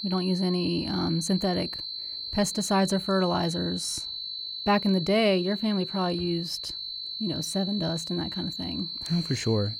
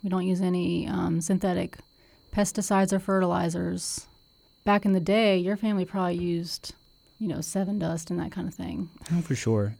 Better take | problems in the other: second | high-pitched whine; loud; throughout; 4 kHz, 5 dB below the speech; faint in the second

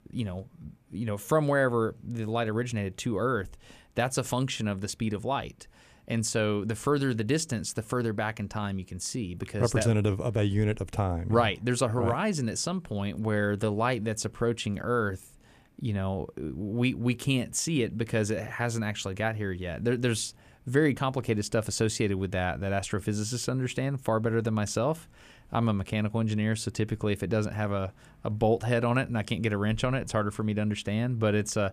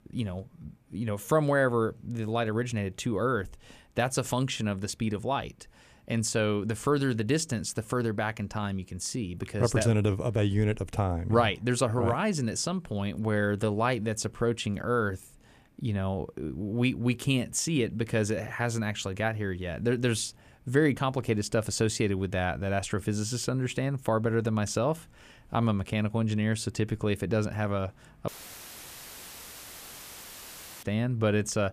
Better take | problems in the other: first | audio cutting out; filled with static; at 28 s for 2.5 s

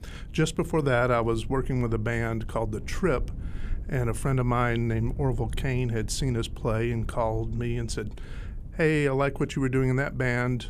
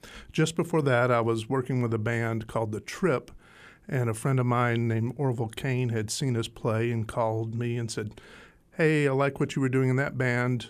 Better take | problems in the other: second | low rumble; faint; throughout; 25 dB below the speech

